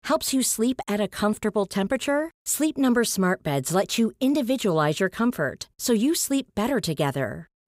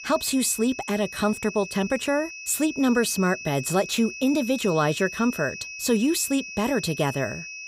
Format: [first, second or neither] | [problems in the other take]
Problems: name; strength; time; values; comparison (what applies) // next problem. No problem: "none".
first | high-pitched whine; noticeable; throughout; 2.5 kHz, 10 dB below the speech